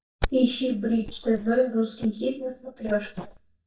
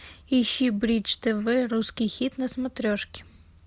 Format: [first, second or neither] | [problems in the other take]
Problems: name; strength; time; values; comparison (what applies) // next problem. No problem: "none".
second | noise reduction (neural mask model DeepFilterNet 3)